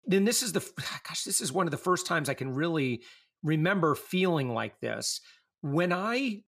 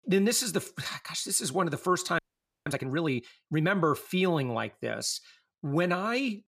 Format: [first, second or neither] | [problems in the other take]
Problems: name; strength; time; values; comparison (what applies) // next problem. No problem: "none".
first | audio freezing; at 2 s